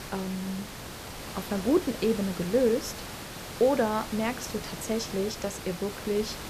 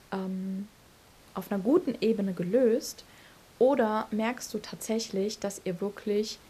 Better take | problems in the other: second | hiss; loud; throughout; 9 dB below the speech; faint in the second

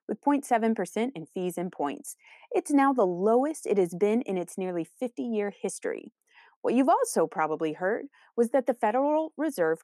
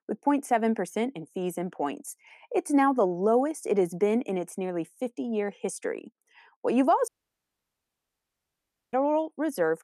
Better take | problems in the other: first | audio cutting out; at 7 s for 2 s

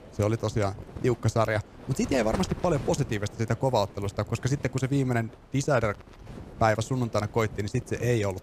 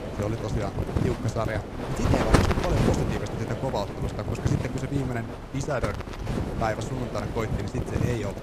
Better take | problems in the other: first | wind noise on the microphone; heavy; as loud as the speech; occasional gusts in the first

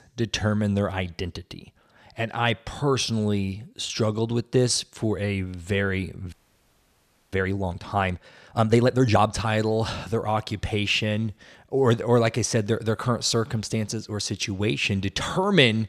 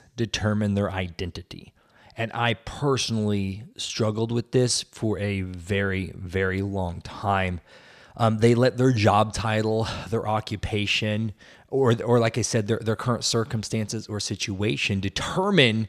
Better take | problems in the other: second | audio freezing; at 6.5 s for 1 s

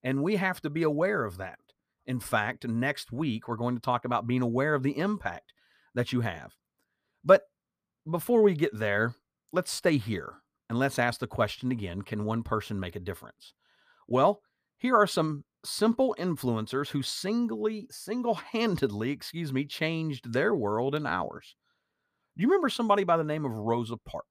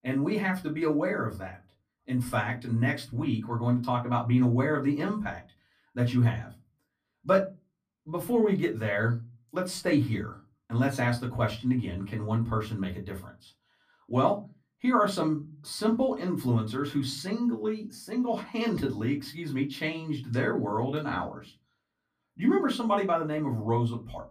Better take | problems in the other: first | off-mic speech; far // room echo; very slight; dies away in 0.2 s

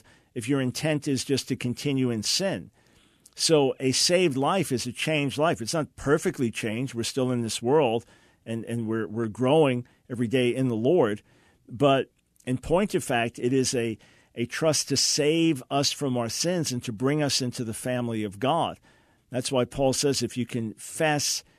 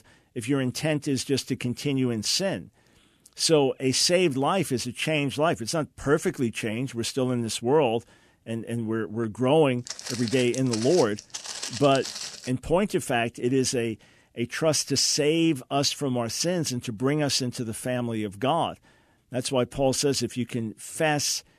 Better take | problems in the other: first | footsteps; noticeable; from 10 to 12 s; peak 7 dB below the speech

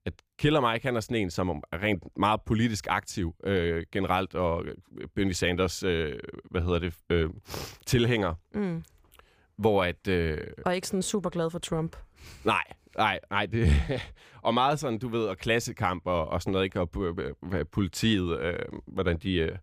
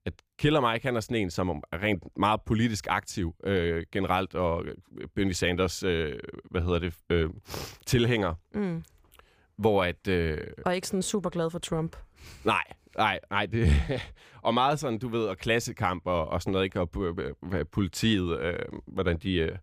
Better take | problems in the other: neither | none

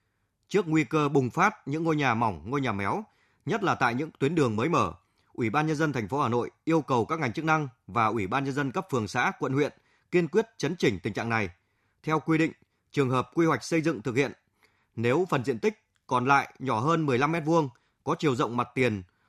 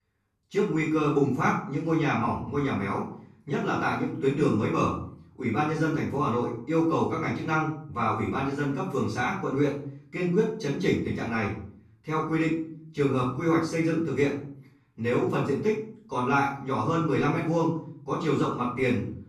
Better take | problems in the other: first | off-mic speech; far // room echo; noticeable; dies away in 0.5 s

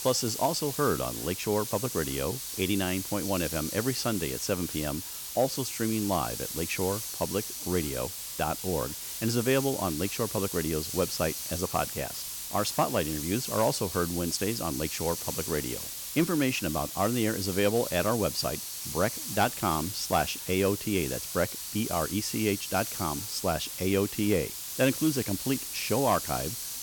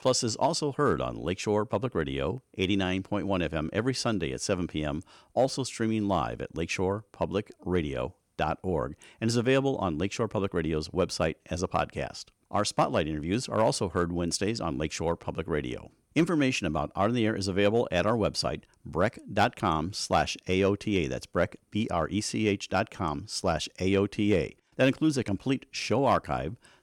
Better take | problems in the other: second | hiss; loud; throughout; 4 dB below the speech

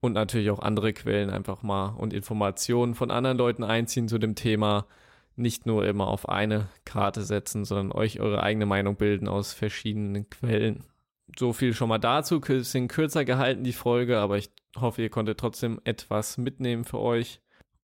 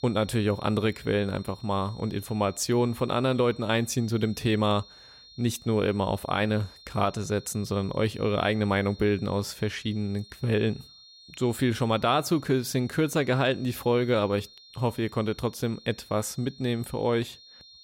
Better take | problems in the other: first | high-pitched whine; faint; throughout; 4 kHz, 20 dB below the speech

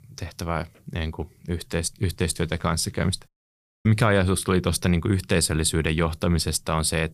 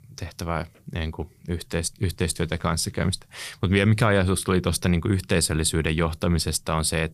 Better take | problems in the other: second | audio cutting out; at 3.5 s for 0.5 s

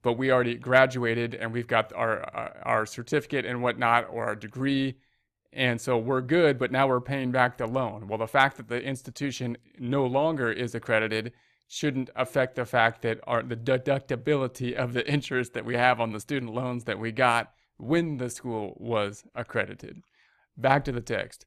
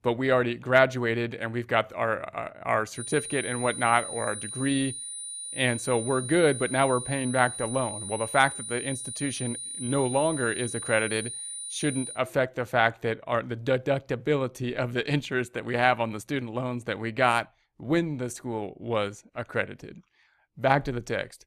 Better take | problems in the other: first | high-pitched whine; loud; from 3 to 12 s; 9.5 kHz, 7 dB below the speech

